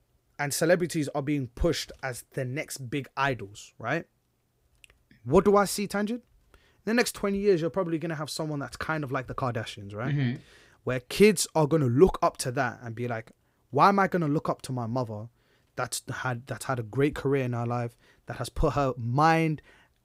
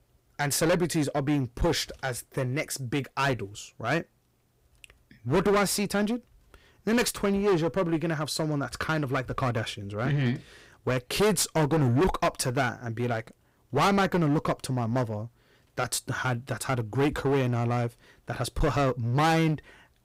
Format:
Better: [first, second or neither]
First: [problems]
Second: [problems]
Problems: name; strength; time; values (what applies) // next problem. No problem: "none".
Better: first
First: none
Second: distortion; heavy; 11% of the sound clipped